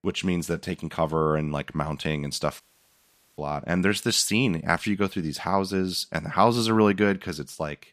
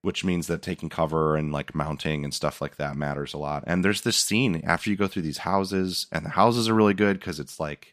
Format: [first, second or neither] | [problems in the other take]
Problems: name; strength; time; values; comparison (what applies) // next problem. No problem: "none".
second | audio cutting out; at 2.5 s for 1 s